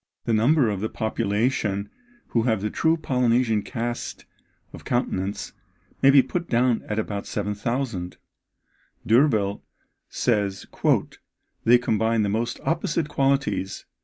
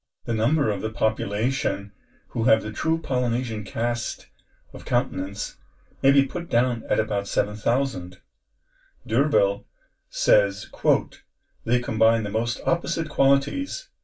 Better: first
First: none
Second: room echo; dies away in 0.2 s

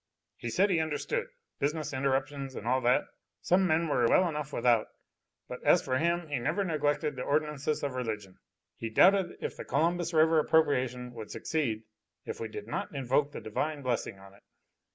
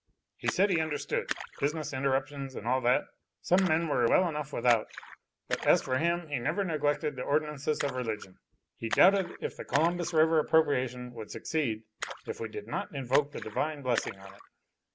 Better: first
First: none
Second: background sound (Splash, splatter); 14 dB below the speech

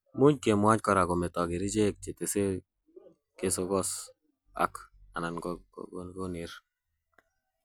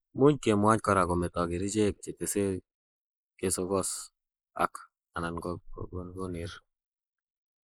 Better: first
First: none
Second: noise reduction (neural mask model Resemble Enhance denoiser)

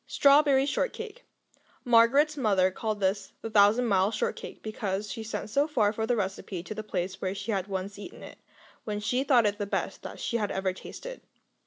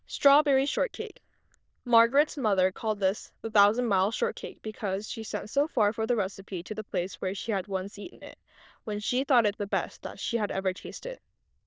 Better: first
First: none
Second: noise reduction (neural diffusion model UNIVERSE++)

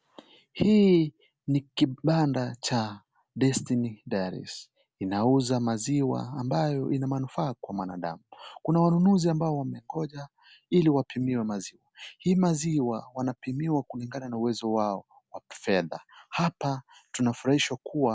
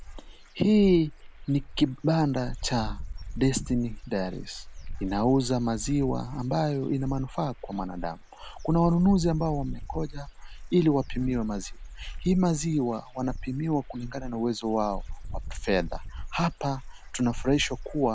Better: first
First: none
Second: background sound (Bird / Dog); 9 dB below the speech

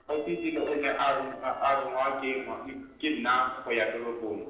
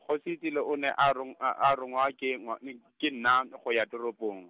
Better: second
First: noise reduction (neural separator model SepFormer DNS4)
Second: none

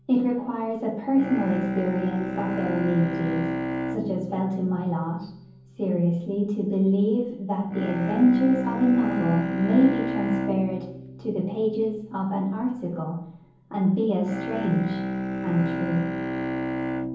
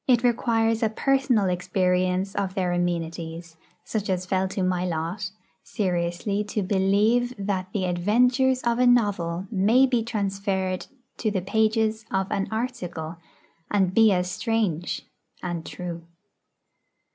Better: second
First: background sound (Bowed string instrument); 6 dB below the speech // room echo; dies away in 0.7 s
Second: none

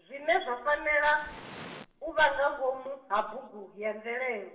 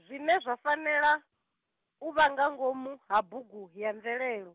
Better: second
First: background sound (Fire); 17 dB below the speech // room echo; dies away in 0.7 s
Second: none

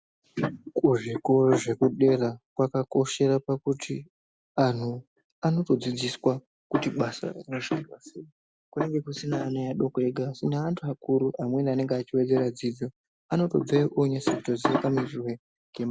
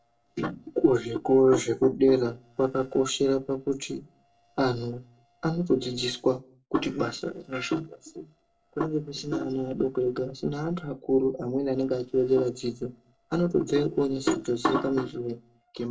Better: first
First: none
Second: noise reduction (neural separator model SepFormer DNS4)

